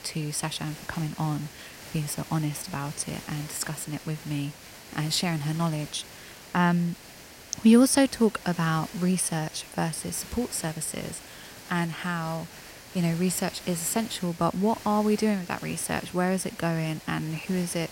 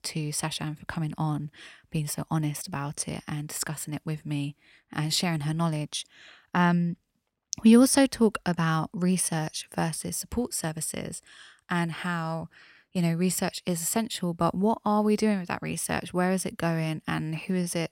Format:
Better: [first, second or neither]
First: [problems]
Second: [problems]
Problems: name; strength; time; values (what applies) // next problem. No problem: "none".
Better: second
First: hiss; noticeable; throughout; 15 dB below the speech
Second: none